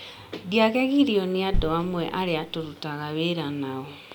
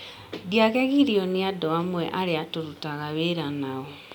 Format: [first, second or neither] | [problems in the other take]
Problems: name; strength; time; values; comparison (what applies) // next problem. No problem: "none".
second | background sound (Bass drum); 3 dB below the speech